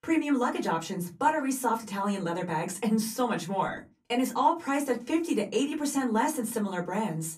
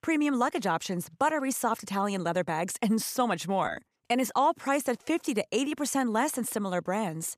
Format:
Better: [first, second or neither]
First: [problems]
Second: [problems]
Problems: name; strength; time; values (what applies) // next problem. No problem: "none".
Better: second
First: off-mic speech; far // room echo; very slight; dies away in 0.2 s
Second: none